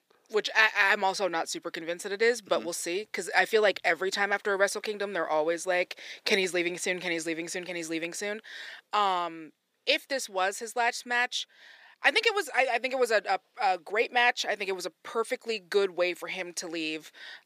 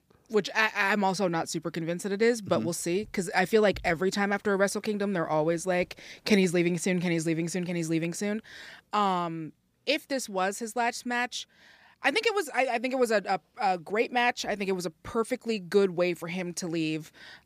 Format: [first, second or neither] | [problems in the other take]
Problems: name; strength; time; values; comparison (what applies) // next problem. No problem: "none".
second | thin; somewhat; fading below 450 Hz